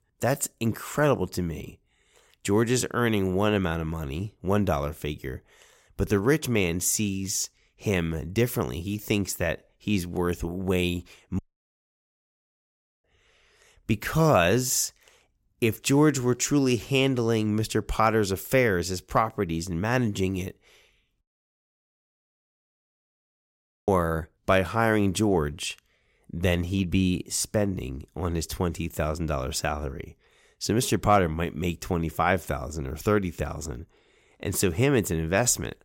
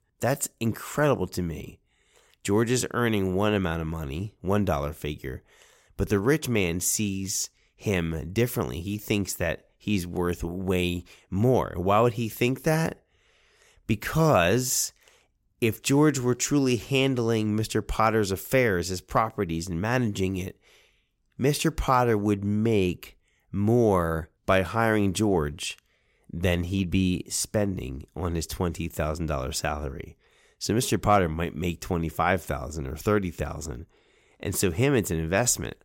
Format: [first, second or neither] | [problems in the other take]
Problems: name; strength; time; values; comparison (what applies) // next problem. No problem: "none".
second | audio cutting out; at 11 s for 1.5 s and at 21 s for 2.5 s